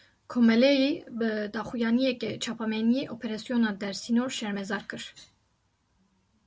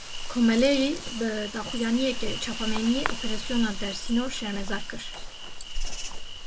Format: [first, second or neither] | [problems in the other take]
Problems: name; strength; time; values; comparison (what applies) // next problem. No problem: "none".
first | background sound (Insect); 3 dB below the speech